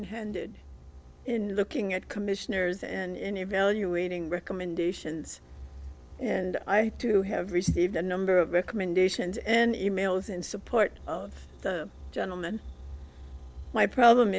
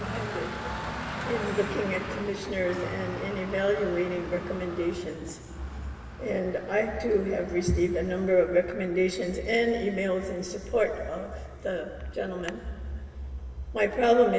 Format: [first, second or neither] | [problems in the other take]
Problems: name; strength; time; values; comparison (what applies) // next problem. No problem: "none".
first | background sound (Traffic noise, roadway noise); 12 dB below the speech // room echo; dies away in 2.3 s